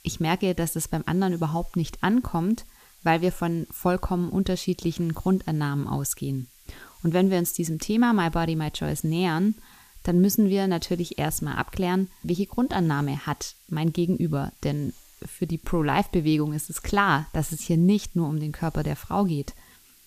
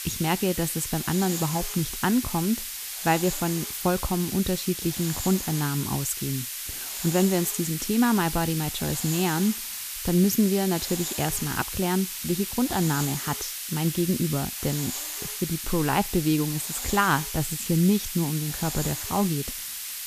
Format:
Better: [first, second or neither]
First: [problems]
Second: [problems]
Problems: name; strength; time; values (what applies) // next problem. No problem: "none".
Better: first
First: hiss; faint; throughout; 25 dB below the speech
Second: hiss; loud; throughout; 5 dB below the speech